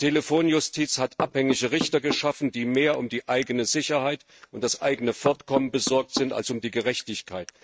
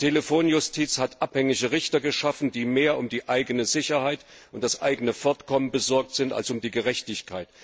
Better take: second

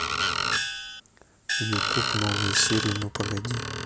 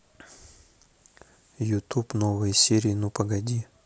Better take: second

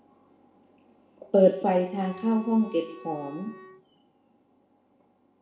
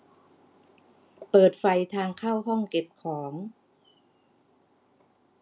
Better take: second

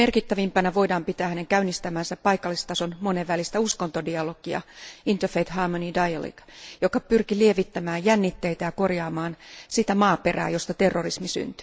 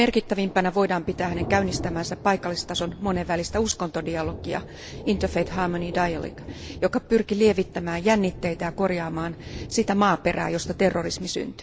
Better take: first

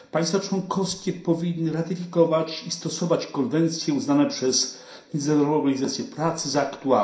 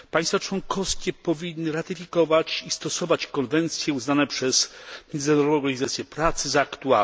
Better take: second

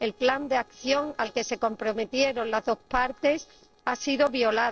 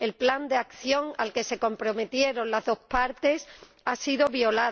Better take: second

